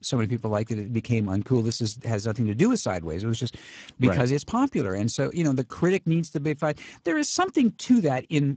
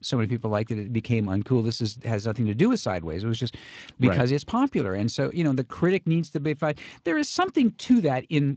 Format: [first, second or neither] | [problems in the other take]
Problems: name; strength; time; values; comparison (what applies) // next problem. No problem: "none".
second | garbled, watery; badly; nothing above 7.5 kHz; slightly in the second